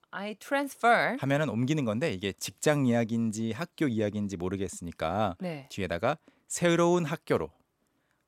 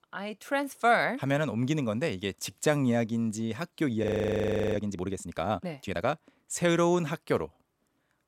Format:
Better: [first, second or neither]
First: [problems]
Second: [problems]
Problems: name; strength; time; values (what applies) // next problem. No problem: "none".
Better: first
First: none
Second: audio freezing; at 4 s for 0.5 s